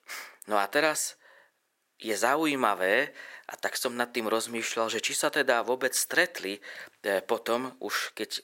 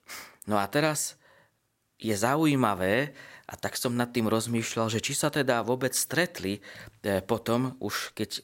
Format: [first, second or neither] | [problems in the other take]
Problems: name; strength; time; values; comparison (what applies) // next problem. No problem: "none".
second | thin; somewhat; fading below 450 Hz